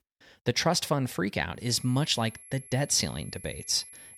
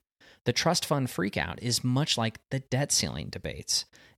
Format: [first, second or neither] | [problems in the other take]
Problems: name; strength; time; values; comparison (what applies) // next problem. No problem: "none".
second | high-pitched whine; noticeable; from 1.5 s on; 11 kHz, 20 dB below the speech